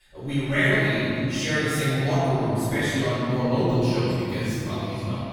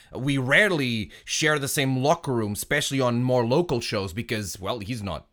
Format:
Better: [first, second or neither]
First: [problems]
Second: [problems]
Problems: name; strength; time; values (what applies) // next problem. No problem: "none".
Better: second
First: room echo; strong; dies away in 3 s // off-mic speech; far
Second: none